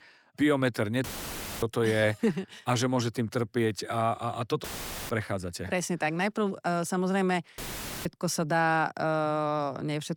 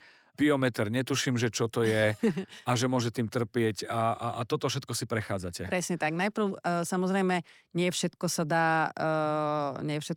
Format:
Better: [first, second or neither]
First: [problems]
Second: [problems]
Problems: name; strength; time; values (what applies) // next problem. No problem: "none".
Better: second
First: audio cutting out; filled with static; at 1 s for 0.5 s, at 4.5 s and at 7.5 s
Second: none